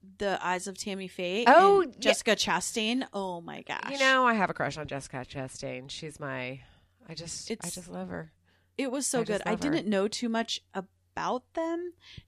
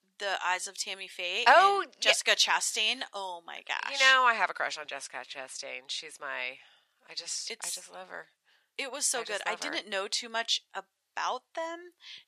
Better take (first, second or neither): first